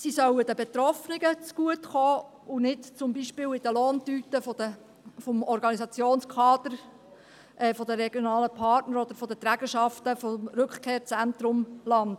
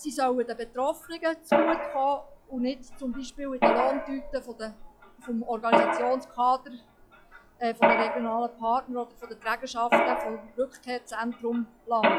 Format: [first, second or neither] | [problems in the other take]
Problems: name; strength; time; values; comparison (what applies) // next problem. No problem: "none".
first | noise reduction (classical method log-MMSE)